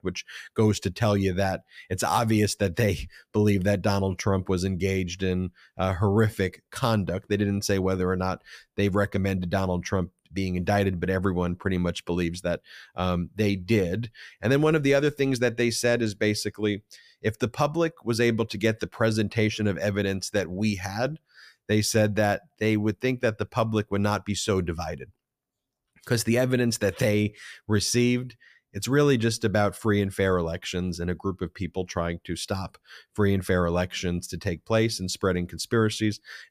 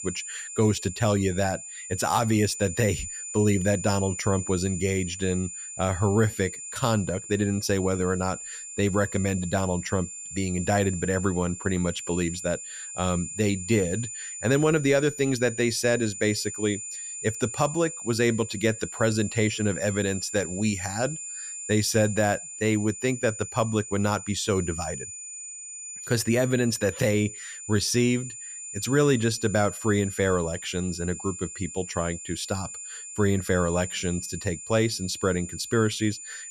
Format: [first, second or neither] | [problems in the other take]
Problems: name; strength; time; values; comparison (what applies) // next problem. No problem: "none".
first | high-pitched whine; loud; throughout; 7 kHz, 9 dB below the speech